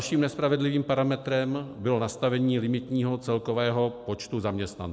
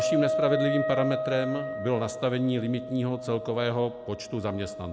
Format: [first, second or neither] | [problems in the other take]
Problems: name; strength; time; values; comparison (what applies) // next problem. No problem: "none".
first | background sound (Wind instrument, woodwind instrument); 3 dB below the speech